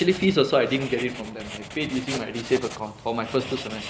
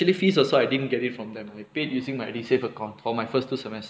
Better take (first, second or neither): second